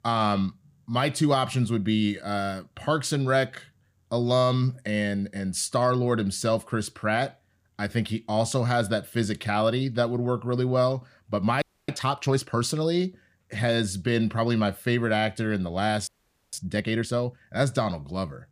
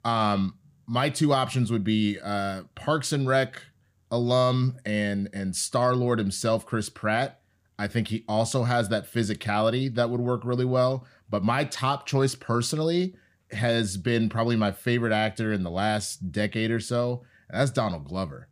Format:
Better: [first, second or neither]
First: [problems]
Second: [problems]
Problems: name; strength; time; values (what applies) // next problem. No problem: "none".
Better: second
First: audio freezing; at 12 s and at 16 s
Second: none